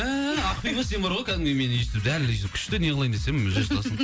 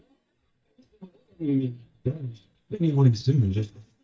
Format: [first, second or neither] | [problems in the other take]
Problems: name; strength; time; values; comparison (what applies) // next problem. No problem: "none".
first | noise reduction (neural mask model DeepFilterNet 3)